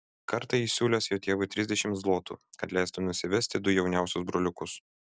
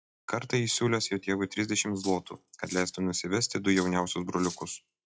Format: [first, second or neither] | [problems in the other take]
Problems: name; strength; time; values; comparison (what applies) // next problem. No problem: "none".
first | noise reduction (classical method WPE with log-MMSE)